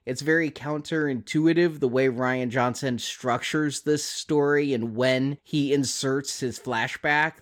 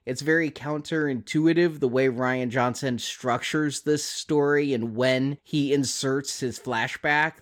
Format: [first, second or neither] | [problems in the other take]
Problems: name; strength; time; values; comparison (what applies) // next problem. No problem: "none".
neither | none